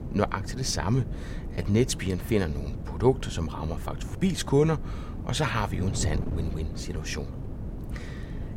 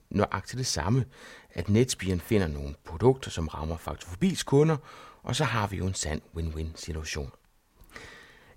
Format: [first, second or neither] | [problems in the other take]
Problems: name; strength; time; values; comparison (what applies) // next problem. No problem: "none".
second | wind noise on the microphone; occasional gusts; 15 dB below the speech